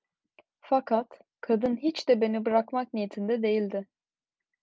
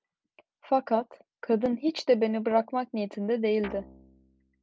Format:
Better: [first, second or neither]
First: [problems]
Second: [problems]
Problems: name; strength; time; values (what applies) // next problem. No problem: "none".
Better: first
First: none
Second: background sound (Guitar); 18 dB below the speech